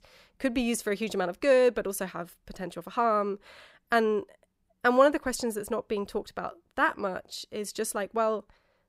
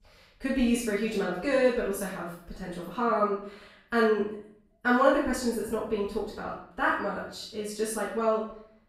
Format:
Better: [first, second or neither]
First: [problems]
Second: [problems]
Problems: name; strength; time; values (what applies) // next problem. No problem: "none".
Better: first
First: none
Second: room echo; noticeable; dies away in 0.6 s // off-mic speech; far